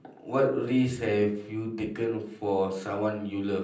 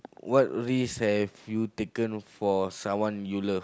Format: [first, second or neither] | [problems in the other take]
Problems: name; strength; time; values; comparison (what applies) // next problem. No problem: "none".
second | room echo; dies away in 0.6 s